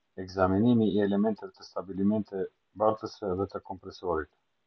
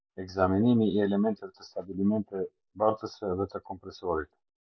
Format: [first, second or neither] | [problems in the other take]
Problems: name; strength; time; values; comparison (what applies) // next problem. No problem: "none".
first | noise reduction (neural mask model Resemble Enhance denoiser)